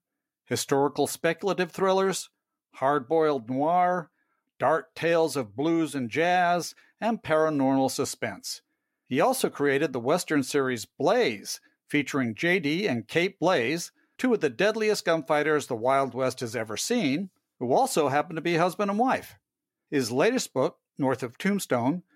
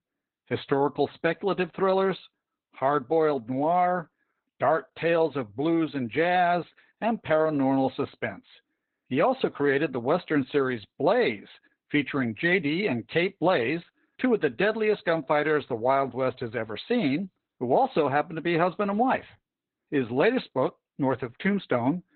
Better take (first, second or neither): first